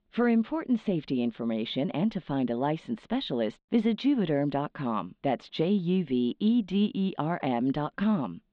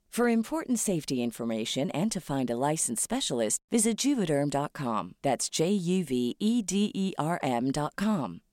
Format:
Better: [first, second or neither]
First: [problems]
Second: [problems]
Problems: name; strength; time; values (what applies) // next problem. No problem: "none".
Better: second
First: muffled; very; fading above 3.5 kHz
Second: none